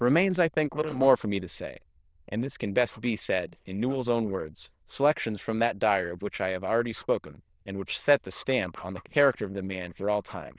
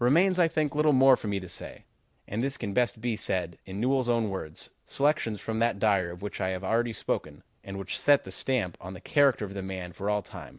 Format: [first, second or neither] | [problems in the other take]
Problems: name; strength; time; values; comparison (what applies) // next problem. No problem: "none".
second | noise reduction (neural diffusion model UNIVERSE++)